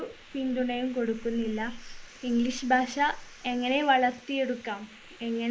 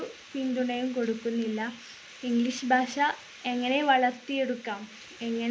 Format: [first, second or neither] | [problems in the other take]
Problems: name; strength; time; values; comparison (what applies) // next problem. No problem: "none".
second | noise reduction (neural mask model Resemble Enhance denoiser)